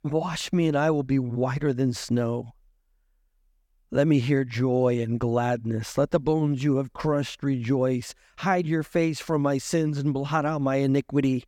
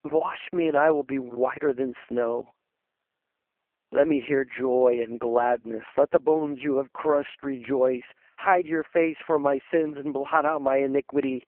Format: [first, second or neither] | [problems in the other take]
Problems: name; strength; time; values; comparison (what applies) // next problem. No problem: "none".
first | phone-call audio; poor line